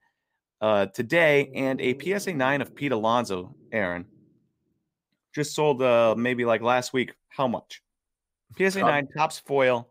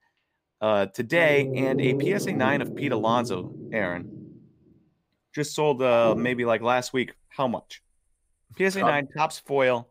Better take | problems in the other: first | animal sounds; loud; throughout; 7 dB below the speech; faint in the first

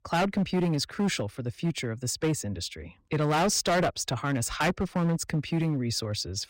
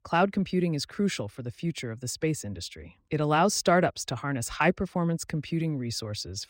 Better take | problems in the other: second | distortion; heavy; 11% of the sound clipped

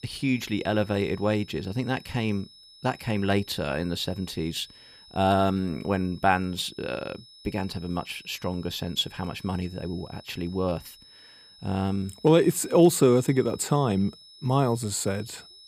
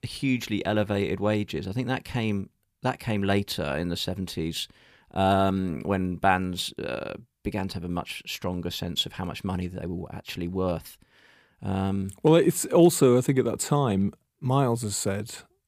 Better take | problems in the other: second | high-pitched whine; faint; throughout; 5 kHz, 20 dB below the speech

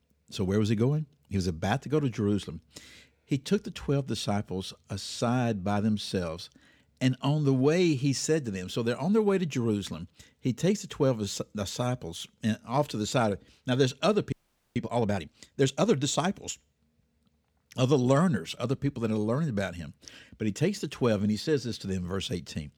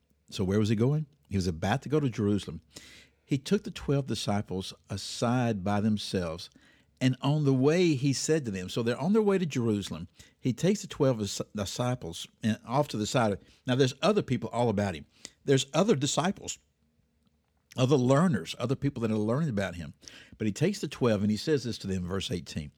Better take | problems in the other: second | audio freezing; at 14 s

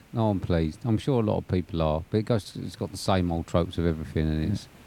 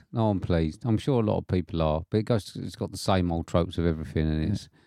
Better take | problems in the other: second | hiss; faint; throughout; 25 dB below the speech

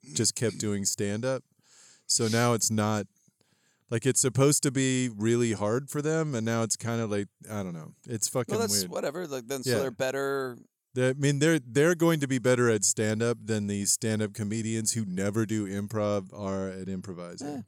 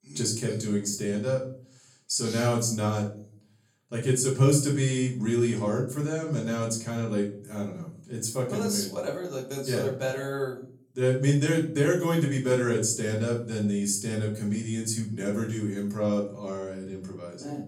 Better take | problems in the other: first | off-mic speech; far // room echo; slight; dies away in 0.5 s

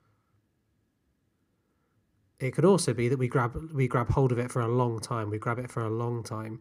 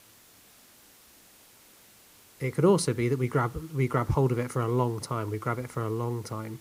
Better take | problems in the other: first | hiss; faint; throughout; 25 dB below the speech

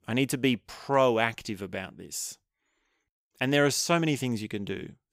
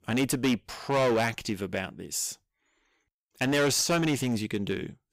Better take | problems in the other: first | distortion; heavy; 8% of the sound clipped

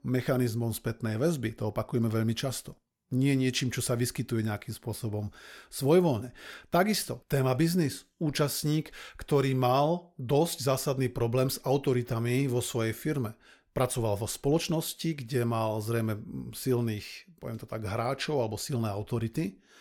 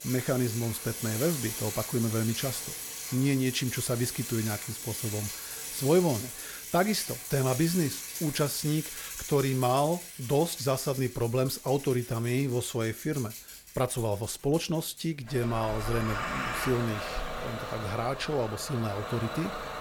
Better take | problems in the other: first | traffic noise; loud; throughout; 7 dB below the speech

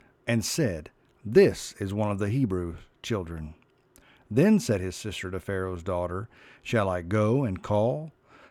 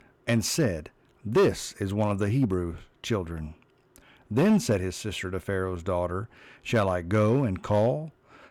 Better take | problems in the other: first | distortion; slight; 3% of the sound clipped

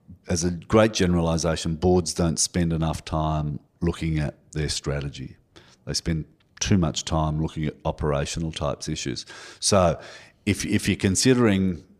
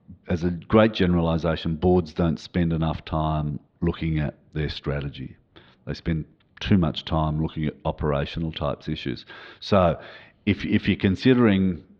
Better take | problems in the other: first | muffled; very; fading above 4 kHz

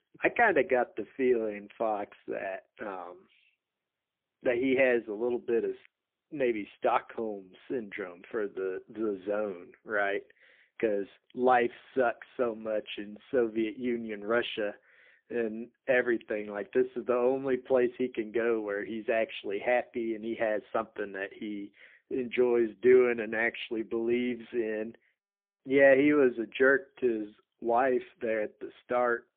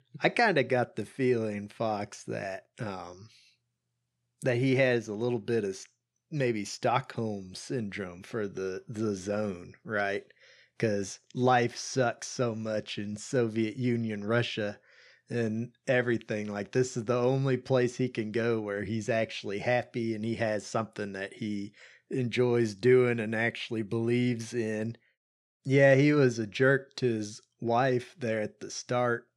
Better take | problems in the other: second | phone-call audio; poor line

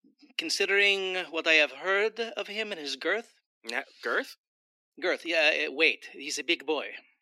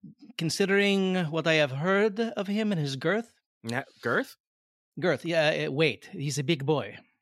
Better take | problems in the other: second | thin; very; fading below 300 Hz

